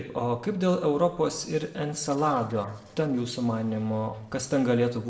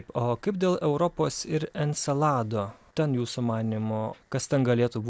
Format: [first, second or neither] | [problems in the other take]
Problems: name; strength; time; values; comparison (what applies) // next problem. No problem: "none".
second | noise reduction (neural separator model SepFormer DNS4)